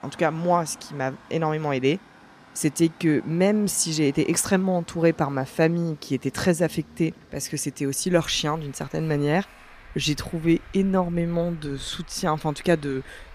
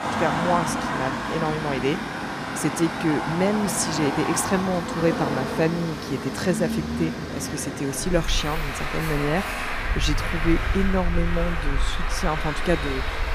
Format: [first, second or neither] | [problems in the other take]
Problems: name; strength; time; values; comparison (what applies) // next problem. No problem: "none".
first | traffic noise; loud; throughout; 2 dB below the speech; faint in the first